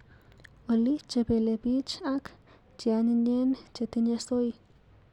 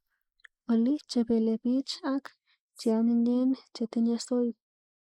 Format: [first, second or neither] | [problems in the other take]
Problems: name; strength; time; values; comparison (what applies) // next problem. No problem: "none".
first | noise reduction (neural mask model Resemble Enhance denoiser)